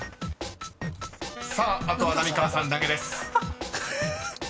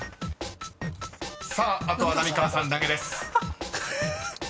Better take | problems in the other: second | background sound (Wind instrument, woodwind instrument + Vehicle); 17 dB below the speech

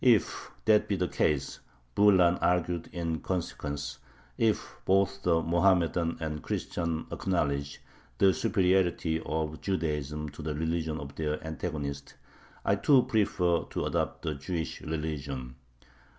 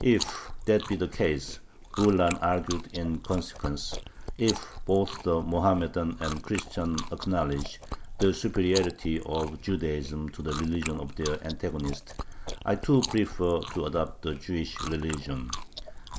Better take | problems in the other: first | noise reduction (neural mask model Resemble Enhance denoiser)

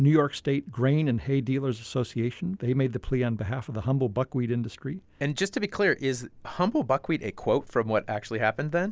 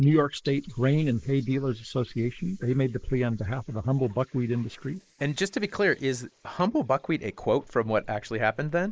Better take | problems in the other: first | noise reduction (neural mask model Resemble Enhance denoiser)

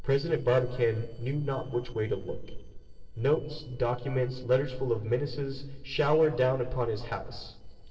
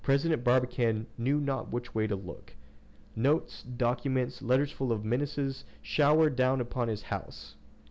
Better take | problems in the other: second | noise reduction (neural separator model SepFormer DNS4)

